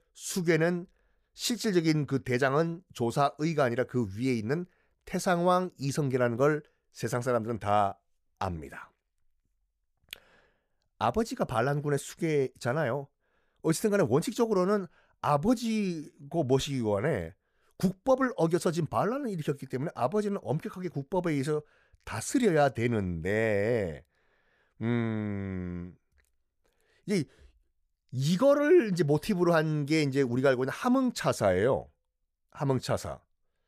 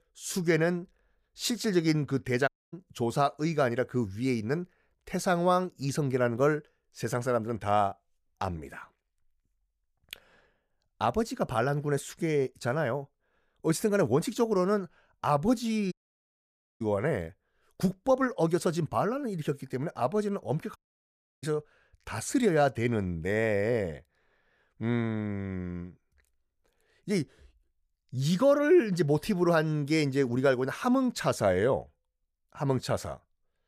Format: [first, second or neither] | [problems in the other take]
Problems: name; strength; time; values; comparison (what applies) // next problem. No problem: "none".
first | audio cutting out; at 2.5 s, at 16 s for 1 s and at 21 s for 0.5 s